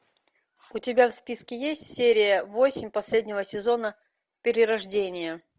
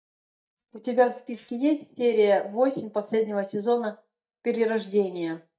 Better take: first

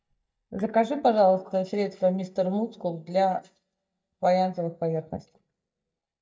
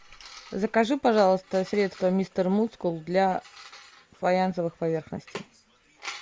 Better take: second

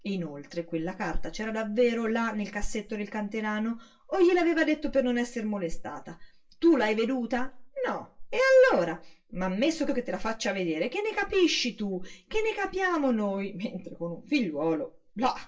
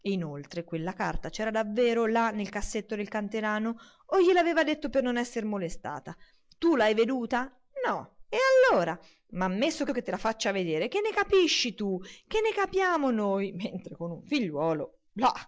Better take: second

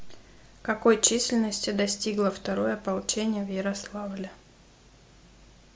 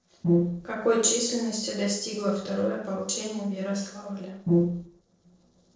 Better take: first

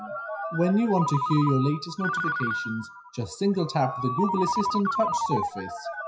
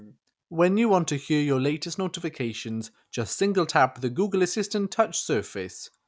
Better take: second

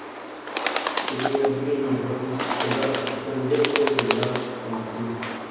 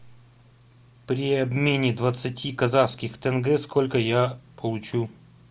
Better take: second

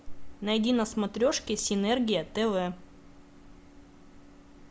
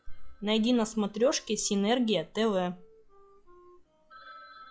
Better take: first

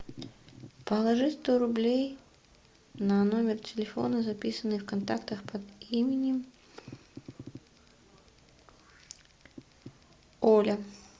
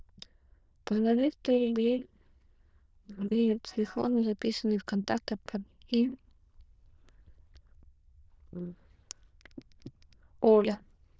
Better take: first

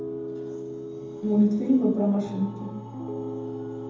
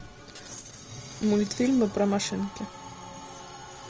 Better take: second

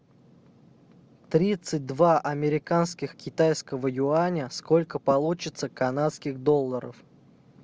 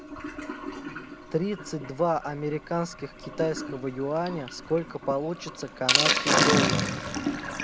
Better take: first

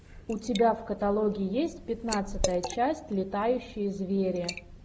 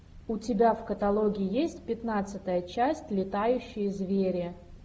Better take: second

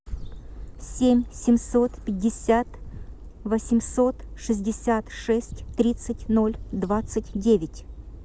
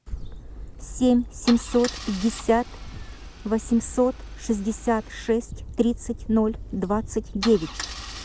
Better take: first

